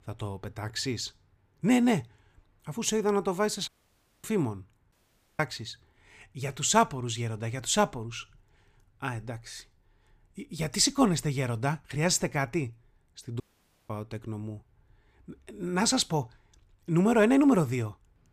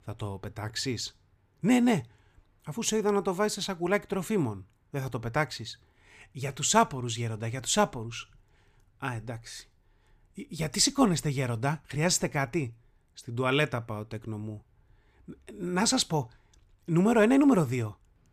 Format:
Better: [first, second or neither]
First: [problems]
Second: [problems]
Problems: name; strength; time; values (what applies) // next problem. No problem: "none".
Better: second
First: audio cutting out; at 3.5 s for 0.5 s, at 5 s and at 13 s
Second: none